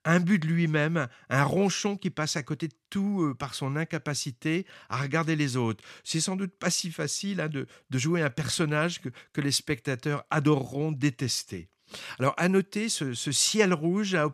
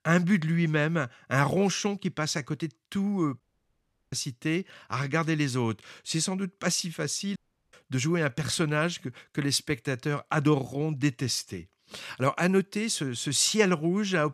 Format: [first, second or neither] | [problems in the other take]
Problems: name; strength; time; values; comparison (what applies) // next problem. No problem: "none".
first | audio cutting out; at 3.5 s for 0.5 s and at 7.5 s